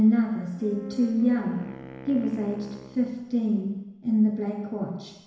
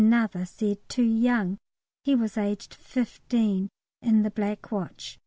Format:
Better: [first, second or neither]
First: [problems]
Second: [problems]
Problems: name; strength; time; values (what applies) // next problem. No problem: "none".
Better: second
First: background sound (Wind instrument, woodwind instrument); 18 dB below the speech // room echo; dies away in 1 s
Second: none